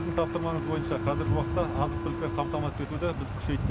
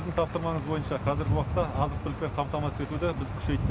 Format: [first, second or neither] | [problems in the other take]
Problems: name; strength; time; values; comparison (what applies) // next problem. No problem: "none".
second | background sound (Subway, metro, underground); 6 dB below the speech